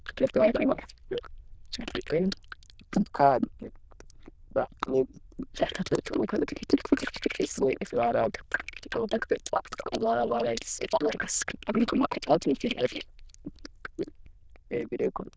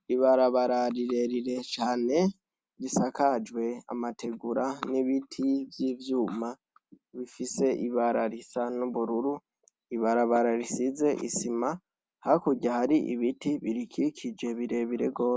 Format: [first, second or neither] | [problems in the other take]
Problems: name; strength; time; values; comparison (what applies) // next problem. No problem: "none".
second | noise reduction (neural diffusion model UNIVERSE++)